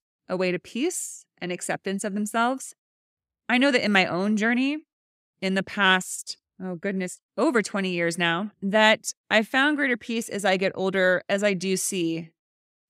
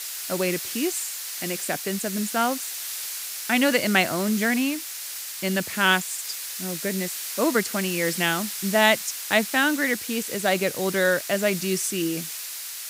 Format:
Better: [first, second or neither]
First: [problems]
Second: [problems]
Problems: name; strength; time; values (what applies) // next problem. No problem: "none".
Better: first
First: none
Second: hiss; loud; throughout; 6 dB below the speech